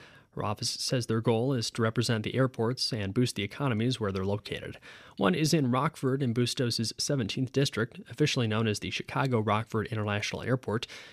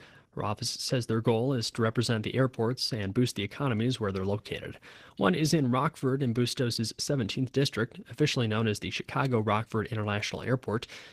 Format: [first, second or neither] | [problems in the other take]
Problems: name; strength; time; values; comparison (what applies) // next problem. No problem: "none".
first | garbled, watery; slightly